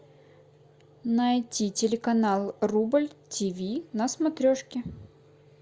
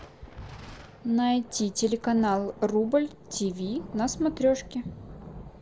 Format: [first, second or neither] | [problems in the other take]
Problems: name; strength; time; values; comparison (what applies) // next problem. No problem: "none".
first | background sound (Thunder); 17 dB below the speech